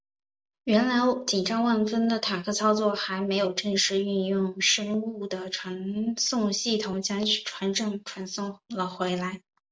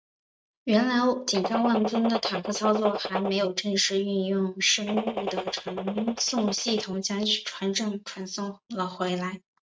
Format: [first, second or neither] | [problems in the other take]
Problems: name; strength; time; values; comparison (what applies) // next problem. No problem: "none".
first | noise reduction (neural mask model RNNoise)